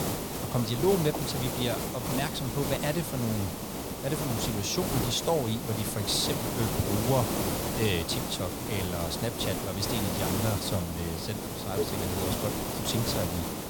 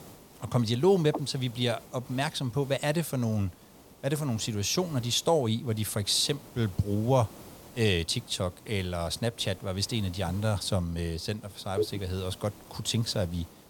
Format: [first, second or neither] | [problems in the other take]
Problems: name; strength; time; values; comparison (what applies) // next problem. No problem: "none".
second | hiss; loud; throughout; 1 dB below the speech; faint in the second